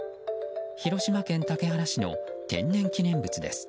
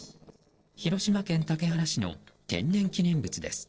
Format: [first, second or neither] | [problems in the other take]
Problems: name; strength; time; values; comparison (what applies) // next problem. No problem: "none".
first | noise reduction (neural separator model SepFormer DNS4)